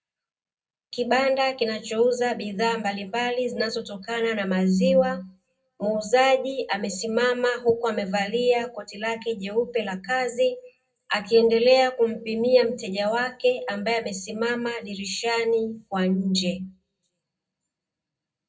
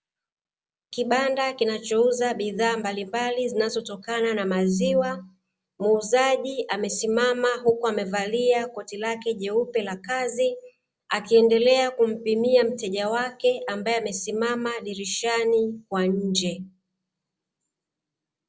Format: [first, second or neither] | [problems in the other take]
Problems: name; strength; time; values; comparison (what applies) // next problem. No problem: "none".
second | room echo; dies away in 0.3 s